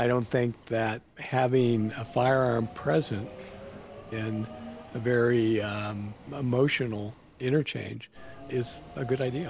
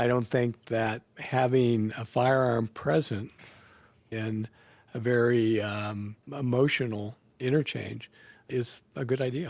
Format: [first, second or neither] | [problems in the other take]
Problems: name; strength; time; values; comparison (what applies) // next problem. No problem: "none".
second | background sound (Subway, metro, underground); 18 dB below the speech